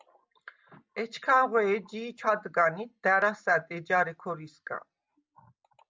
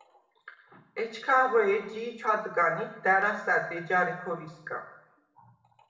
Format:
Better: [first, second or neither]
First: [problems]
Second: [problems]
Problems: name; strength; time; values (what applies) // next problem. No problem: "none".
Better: first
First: none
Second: room echo; dies away in 0.8 s